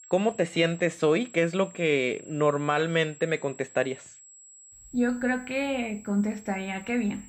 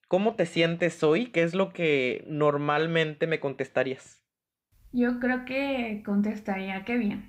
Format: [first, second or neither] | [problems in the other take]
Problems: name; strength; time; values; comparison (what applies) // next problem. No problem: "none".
second | high-pitched whine; faint; throughout; 7.5 kHz, 20 dB below the speech